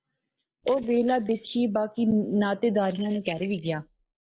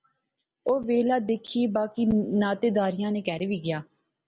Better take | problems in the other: second | noise reduction (neural mask model Resemble Enhance denoiser)

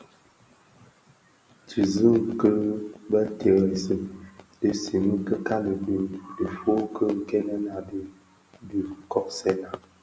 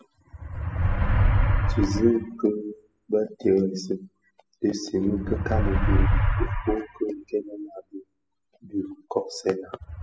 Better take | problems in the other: first | noise reduction (classical method spectral subtraction)

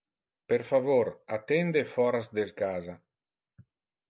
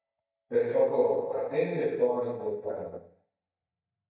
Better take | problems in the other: first | noise reduction (neural mask model DeepFilterNet 3)

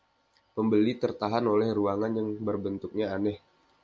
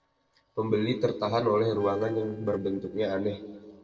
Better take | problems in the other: first | noise reduction (neural separator model SepFormer DNS4)

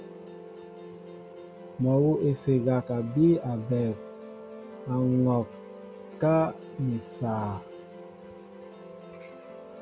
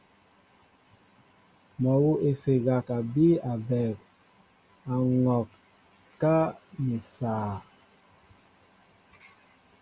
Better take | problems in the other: second | background sound (Musical instrument); 15 dB below the speech

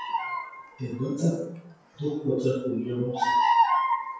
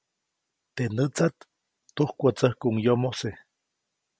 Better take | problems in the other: second | noise reduction (classical method WPE with log-MMSE)

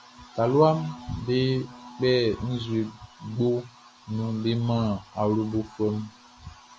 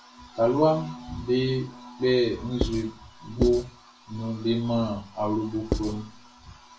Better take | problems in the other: first | background sound (Writing); 4 dB below the speech // room echo; dies away in 0.3 s

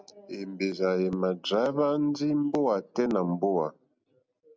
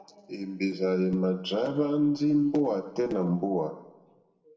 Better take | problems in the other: first | room echo; dies away in 0.9 s

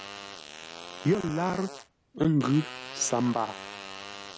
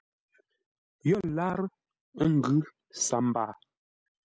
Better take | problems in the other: second | background sound (Fart); 12 dB below the speech

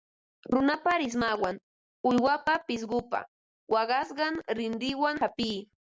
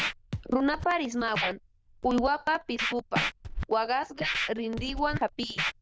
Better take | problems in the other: first | noise reduction (neural diffusion model UNIVERSE++)

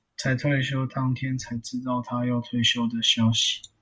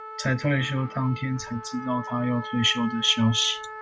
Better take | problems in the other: first | background sound (Trumpet); 12 dB below the speech

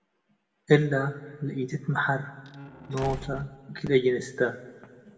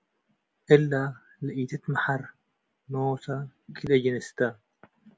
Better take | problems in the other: second | background sound (Slam); 14 dB below the speech // room echo; dies away in 1.2 s

